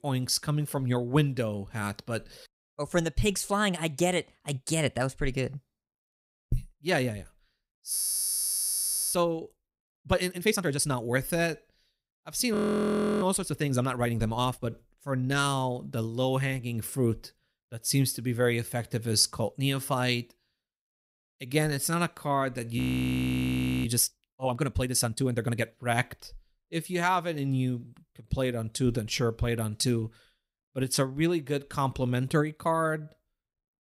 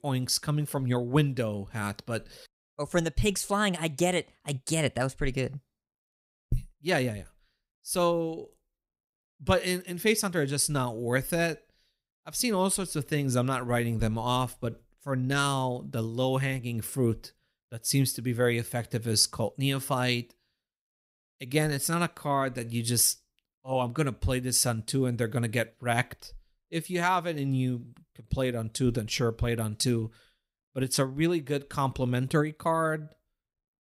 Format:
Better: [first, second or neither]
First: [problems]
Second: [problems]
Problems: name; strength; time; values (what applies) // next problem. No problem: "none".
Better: second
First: audio freezing; at 8 s for 1 s, at 13 s for 0.5 s and at 23 s for 1 s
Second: none